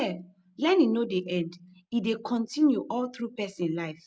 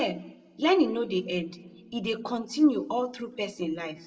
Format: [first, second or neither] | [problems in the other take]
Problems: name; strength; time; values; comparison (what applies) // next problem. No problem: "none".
first | room echo; dies away in 0.4 s